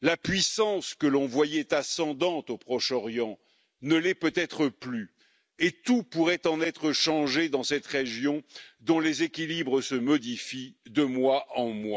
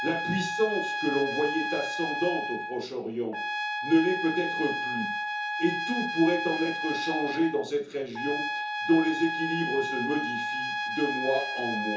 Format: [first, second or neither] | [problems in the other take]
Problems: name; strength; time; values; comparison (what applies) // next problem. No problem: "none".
first | background sound (Trumpet); 2 dB below the speech // room echo; dies away in 0.6 s